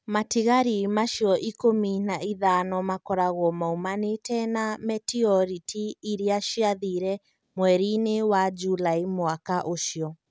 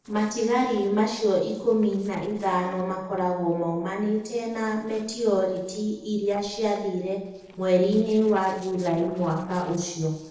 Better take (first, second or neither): first